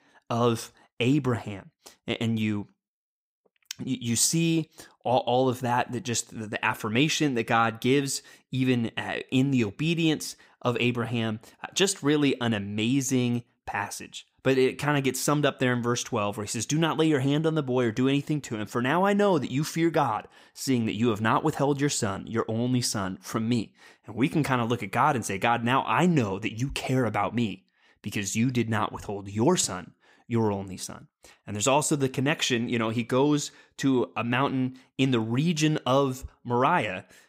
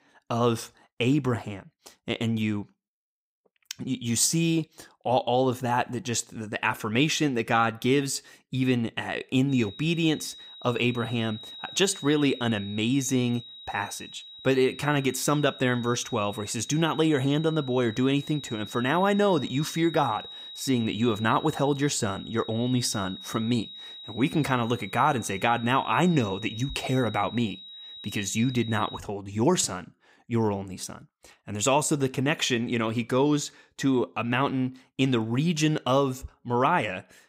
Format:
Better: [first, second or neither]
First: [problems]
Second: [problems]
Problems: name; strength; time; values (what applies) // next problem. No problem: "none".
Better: first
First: none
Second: high-pitched whine; noticeable; from 9.5 to 29 s; 4 kHz, 15 dB below the speech